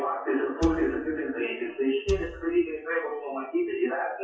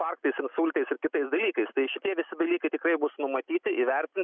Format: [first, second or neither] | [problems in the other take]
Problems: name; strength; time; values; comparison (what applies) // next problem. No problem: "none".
second | noise reduction (classical method WPE with log-MMSE)